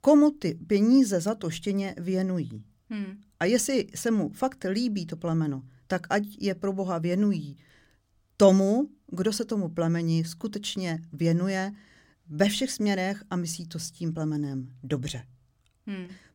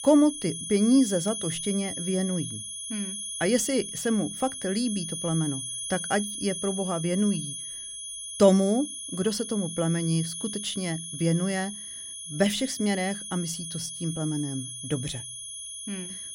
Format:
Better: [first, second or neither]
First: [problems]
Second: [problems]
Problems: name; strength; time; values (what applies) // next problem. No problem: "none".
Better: first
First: none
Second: high-pitched whine; loud; throughout; 10 kHz, 6 dB below the speech